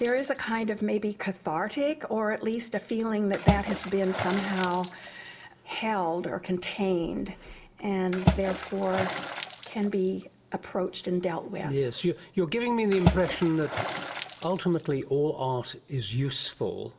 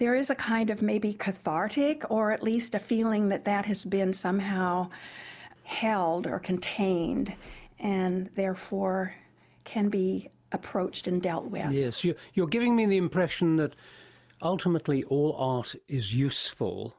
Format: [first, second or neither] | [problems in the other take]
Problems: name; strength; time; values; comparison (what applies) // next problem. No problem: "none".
second | background sound (Water / Splash, splatter); 6 dB below the speech // room echo; dies away in 0.2 s